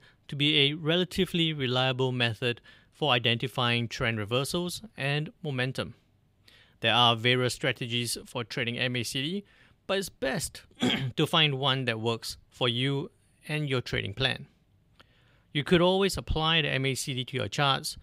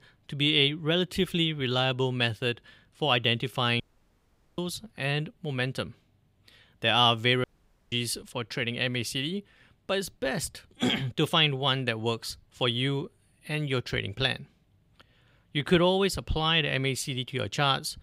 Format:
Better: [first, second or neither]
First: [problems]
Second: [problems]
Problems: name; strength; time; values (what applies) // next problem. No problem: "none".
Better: first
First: none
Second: audio cutting out; at 4 s for 1 s and at 7.5 s